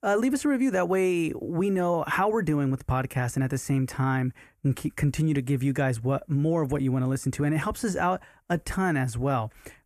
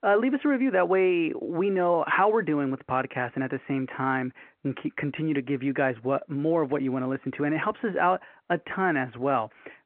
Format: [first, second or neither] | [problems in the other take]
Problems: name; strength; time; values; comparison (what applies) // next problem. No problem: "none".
first | phone-call audio